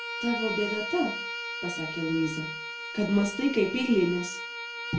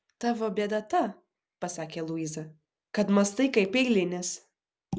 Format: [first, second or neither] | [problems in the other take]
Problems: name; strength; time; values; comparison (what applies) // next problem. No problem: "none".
second | background sound (Bowed string instrument); 6 dB below the speech // room echo; dies away in 0.3 s